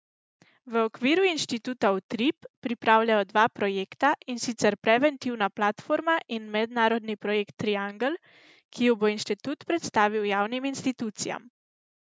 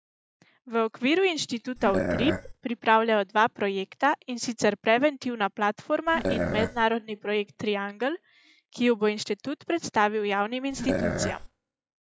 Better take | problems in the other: first | noise reduction (classical method log-MMSE)

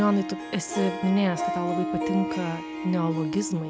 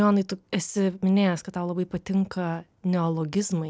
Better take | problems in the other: second | background sound (Harp); 4 dB below the speech

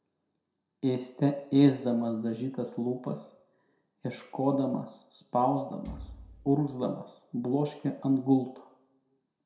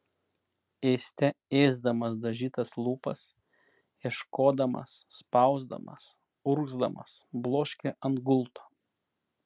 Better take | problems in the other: second | background sound (Thump, thud); 16 dB below the speech // room echo; dies away in 0.5 s

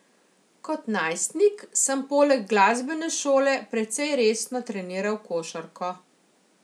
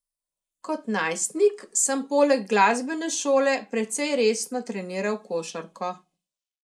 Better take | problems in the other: first | noise reduction (neural mask model Resemble Enhance denoiser)

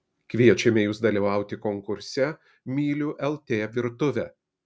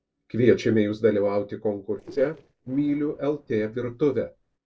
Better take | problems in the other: first | noise reduction (neural separator model SepFormer DNS4)

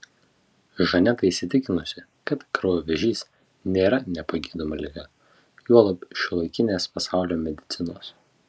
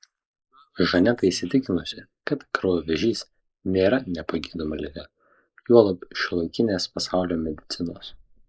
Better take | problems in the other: first | noise reduction (neural mask model Resemble Enhance denoiser)

